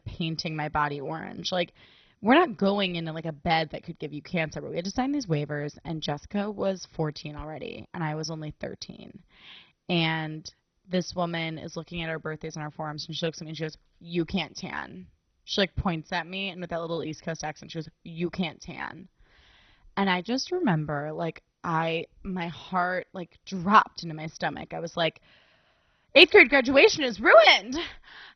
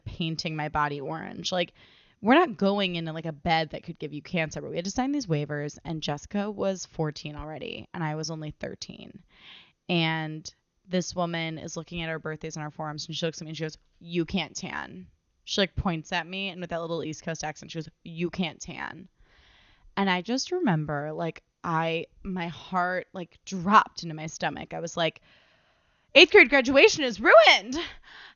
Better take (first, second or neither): second